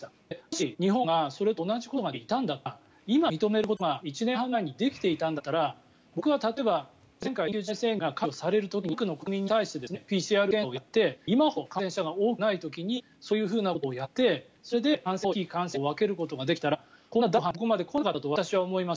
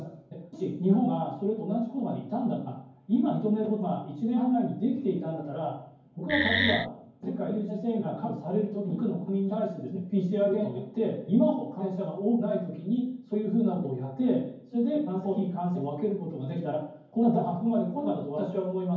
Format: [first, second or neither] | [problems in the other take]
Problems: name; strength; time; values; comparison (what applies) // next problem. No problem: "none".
first | background sound (Wood); 2 dB above the speech // room echo; dies away in 0.9 s